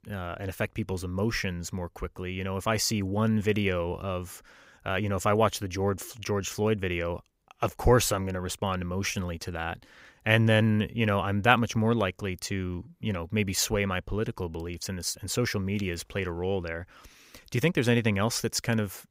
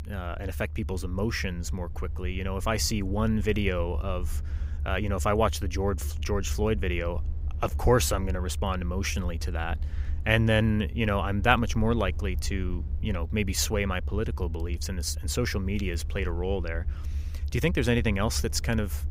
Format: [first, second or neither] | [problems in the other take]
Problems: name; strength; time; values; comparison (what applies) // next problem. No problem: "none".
first | low rumble; faint; throughout; 20 dB below the speech